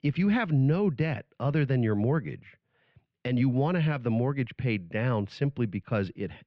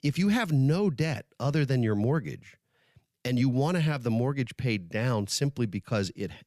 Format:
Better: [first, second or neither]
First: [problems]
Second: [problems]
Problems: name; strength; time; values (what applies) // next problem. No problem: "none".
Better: second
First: muffled; very; fading above 3 kHz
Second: none